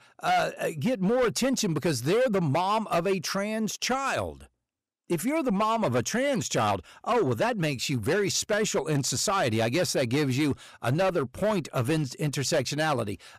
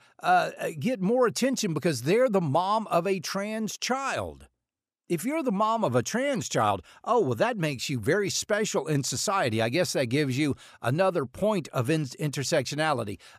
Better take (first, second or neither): second